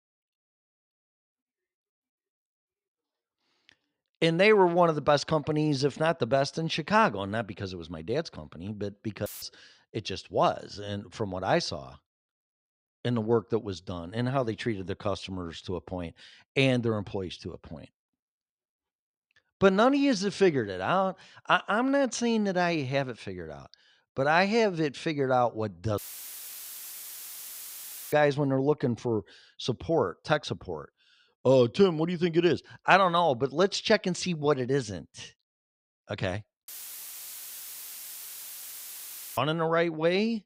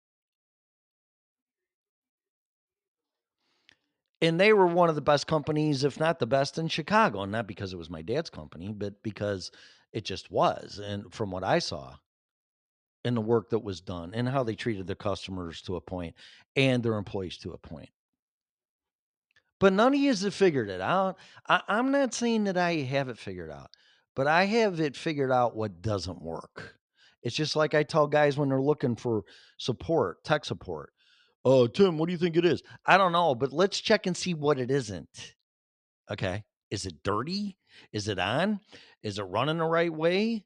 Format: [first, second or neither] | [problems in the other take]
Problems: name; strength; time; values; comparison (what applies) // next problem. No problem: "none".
second | audio cutting out; filled with static; at 9.5 s, at 26 s for 2 s and at 37 s for 2.5 s